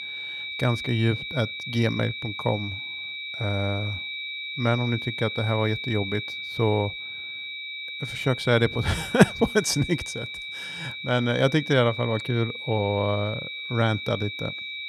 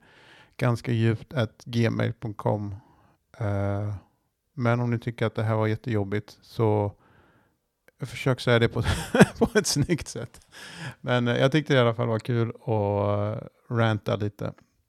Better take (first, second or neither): second